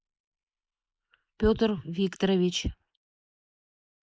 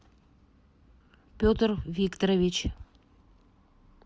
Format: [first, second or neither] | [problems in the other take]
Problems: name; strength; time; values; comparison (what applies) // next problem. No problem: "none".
second | noise reduction (neural mask model Resemble Enhance denoiser)